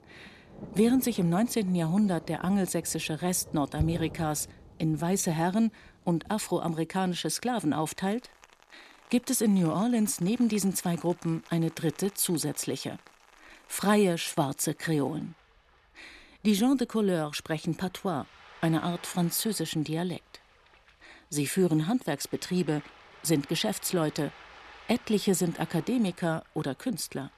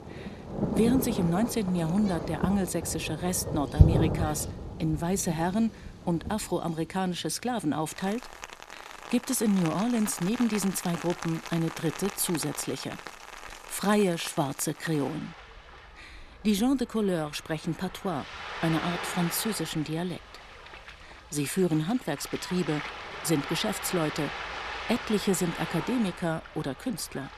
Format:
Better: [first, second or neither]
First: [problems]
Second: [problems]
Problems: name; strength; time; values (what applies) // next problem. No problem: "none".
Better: first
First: rain or running water; faint; throughout; 20 dB below the speech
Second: rain or running water; loud; throughout; 6 dB below the speech